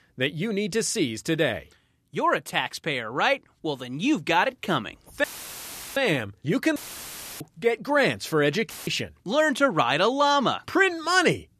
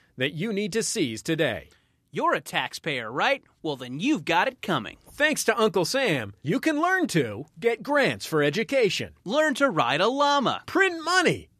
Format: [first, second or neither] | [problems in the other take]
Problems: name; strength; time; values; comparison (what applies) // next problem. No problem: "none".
second | audio cutting out; filled with static; at 5 s for 0.5 s, at 7 s for 0.5 s and at 8.5 s